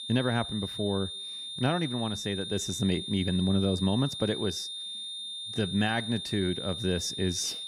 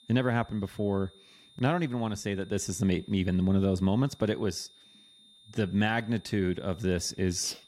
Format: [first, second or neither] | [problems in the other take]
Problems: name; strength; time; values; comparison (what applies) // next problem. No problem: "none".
second | high-pitched whine; loud; throughout; 3.5 kHz, 5 dB below the speech; faint in the second